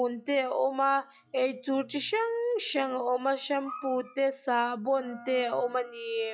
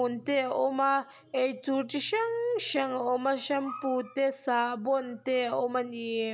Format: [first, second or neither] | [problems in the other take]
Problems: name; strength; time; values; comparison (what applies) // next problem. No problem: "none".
second | noise reduction (classical method log-MMSE)